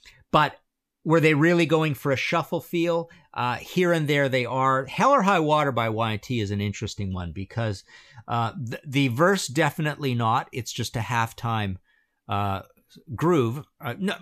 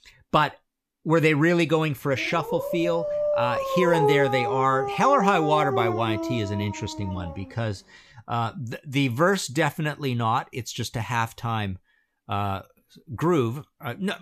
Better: first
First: none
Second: dog barking; loud; from 2 to 7.5 s; peak 3 dB above the speech

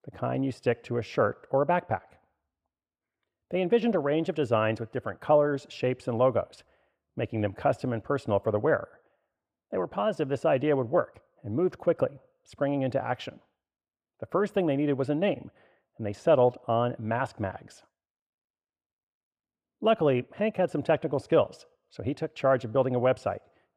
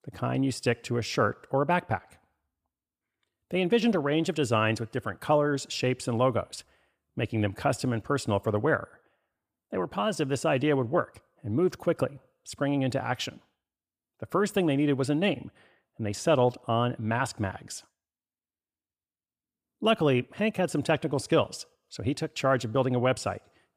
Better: second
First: muffled; very; fading above 4 kHz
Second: none

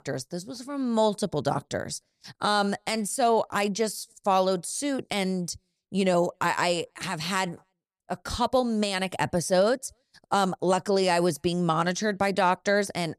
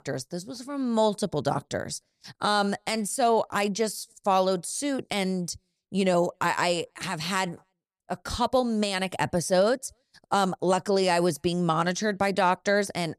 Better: neither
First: none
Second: none

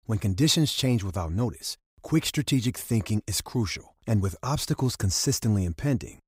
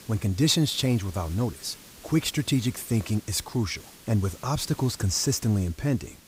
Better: first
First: none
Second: hiss; noticeable; throughout; 20 dB below the speech

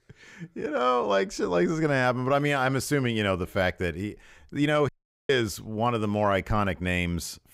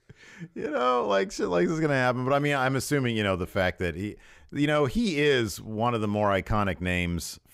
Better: second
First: audio cutting out; at 5 s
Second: none

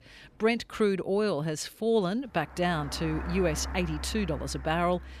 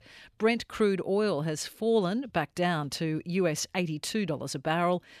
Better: second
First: traffic noise; noticeable; throughout; 10 dB below the speech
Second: none

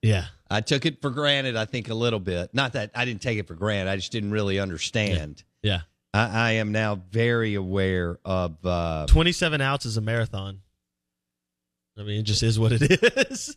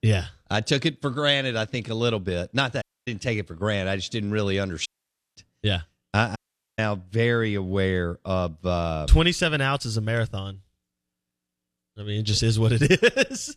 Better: first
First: none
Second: audio cutting out; at 3 s, at 5 s for 0.5 s and at 6.5 s

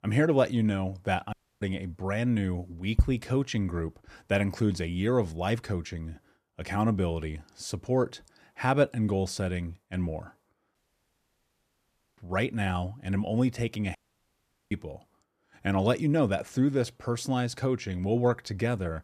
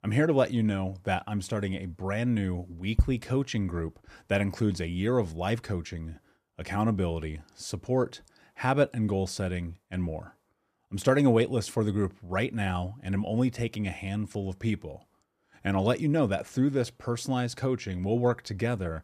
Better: second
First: audio cutting out; at 1.5 s, at 11 s for 1.5 s and at 14 s for 1 s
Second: none

